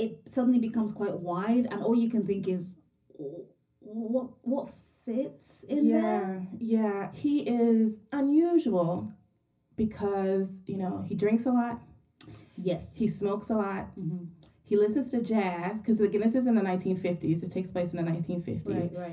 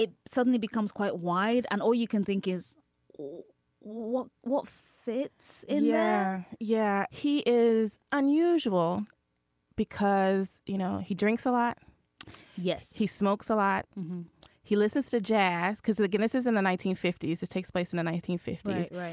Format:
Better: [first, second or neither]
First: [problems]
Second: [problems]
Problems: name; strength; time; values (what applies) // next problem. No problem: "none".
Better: second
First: room echo; dies away in 0.4 s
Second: none